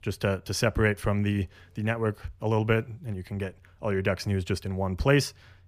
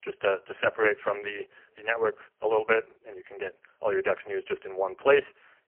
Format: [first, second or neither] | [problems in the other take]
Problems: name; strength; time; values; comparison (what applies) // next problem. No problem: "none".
first | phone-call audio; poor line; nothing above 3 kHz